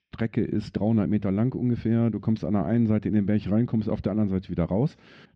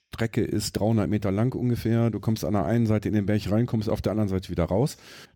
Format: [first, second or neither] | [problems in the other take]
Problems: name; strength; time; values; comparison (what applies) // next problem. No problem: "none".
second | muffled; slightly; fading above 3.5 kHz